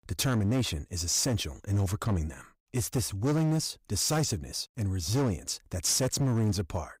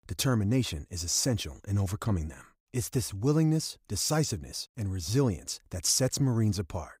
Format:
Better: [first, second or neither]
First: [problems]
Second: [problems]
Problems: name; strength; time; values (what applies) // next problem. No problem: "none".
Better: second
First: distortion; slight; 11% of the sound clipped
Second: none